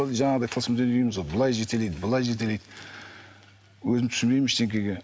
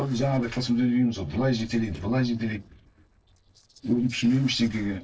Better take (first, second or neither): first